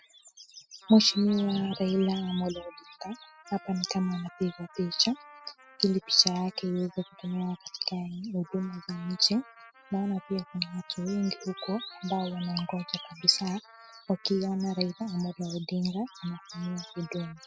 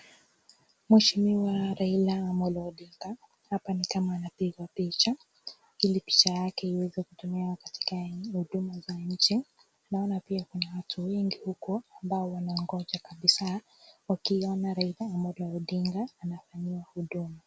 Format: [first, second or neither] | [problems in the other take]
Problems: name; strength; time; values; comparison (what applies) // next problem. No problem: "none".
second | noise reduction (classical method spectral subtraction)